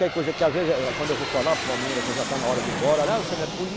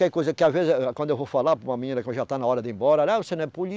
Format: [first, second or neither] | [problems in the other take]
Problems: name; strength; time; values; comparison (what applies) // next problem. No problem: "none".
second | background sound (Aircraft); 4 dB below the speech